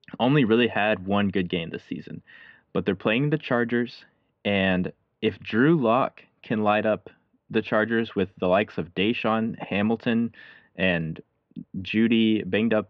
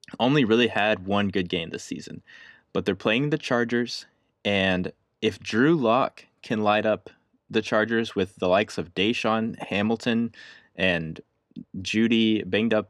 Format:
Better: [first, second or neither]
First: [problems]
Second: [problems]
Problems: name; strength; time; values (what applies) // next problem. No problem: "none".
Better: second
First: muffled; slightly; fading above 3 kHz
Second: none